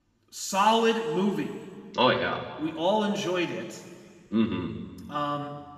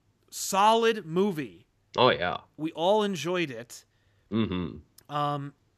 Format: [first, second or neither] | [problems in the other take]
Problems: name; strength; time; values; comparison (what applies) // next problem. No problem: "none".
second | room echo; noticeable; dies away in 2.1 s // off-mic speech; far